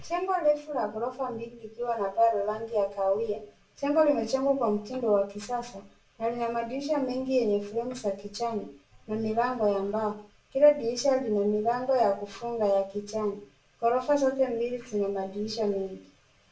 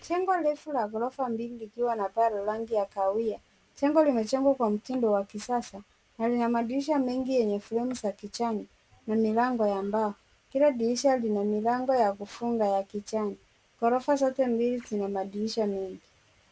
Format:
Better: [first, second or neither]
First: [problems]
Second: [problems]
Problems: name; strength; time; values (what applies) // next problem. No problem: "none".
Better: second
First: room echo; dies away in 0.3 s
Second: none